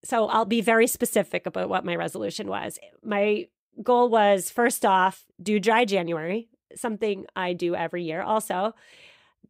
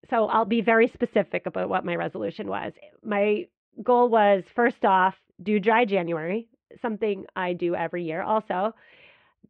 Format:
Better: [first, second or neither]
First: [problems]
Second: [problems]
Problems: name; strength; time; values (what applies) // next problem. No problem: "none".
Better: first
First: none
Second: muffled; very; fading above 3 kHz